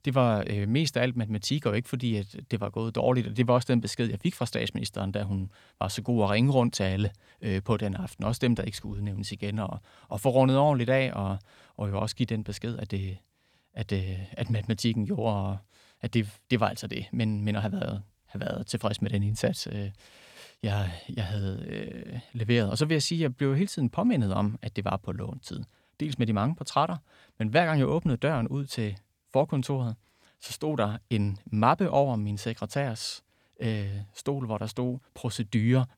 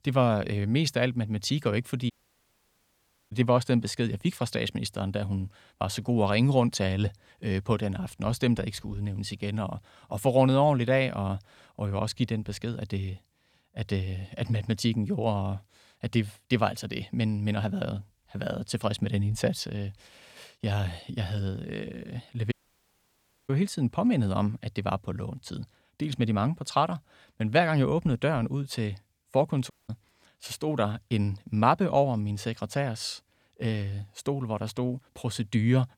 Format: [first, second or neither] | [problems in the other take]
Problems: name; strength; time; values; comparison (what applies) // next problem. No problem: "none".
first | audio cutting out; at 2 s for 1 s, at 23 s for 1 s and at 30 s